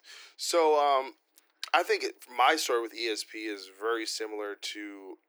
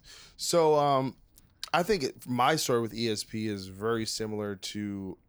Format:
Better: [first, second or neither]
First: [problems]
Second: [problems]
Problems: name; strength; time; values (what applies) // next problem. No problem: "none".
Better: second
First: thin; very; fading below 300 Hz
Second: none